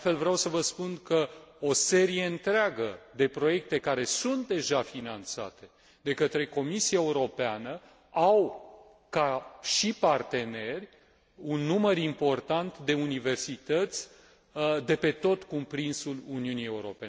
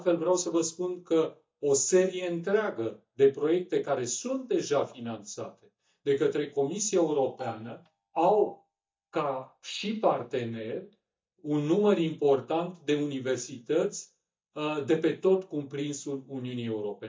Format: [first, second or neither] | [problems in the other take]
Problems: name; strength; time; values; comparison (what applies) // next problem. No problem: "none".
first | noise reduction (neural mask model DeepFilterNet 3)